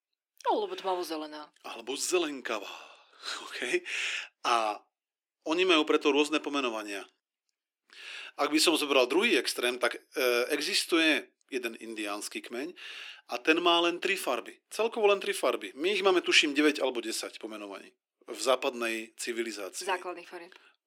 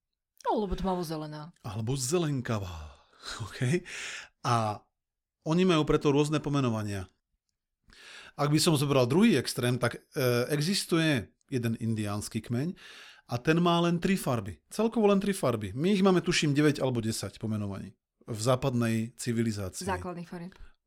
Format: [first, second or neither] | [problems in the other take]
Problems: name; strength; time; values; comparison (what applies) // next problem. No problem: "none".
second | thin; somewhat; fading below 300 Hz